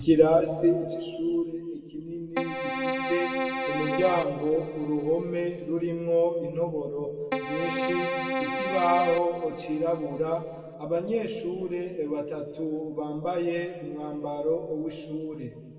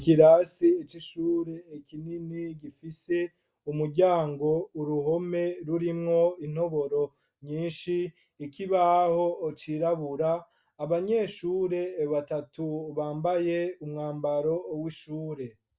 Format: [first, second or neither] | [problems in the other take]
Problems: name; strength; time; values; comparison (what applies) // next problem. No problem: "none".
second | background sound (Keyboard (musical)); 4 dB below the speech // room echo; dies away in 1.8 s